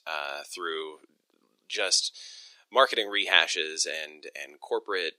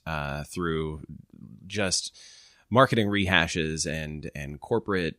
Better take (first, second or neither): second